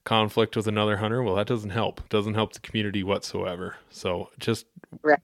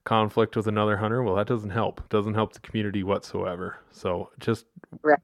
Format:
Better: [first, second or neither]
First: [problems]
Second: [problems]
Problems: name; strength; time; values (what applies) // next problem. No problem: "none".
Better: first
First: none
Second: muffled; slightly; fading above 1.5 kHz